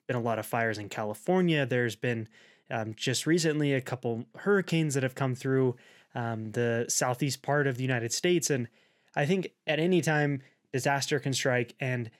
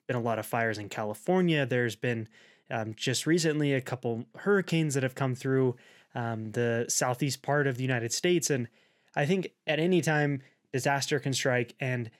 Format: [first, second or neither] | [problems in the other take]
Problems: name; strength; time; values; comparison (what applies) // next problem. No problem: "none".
neither | none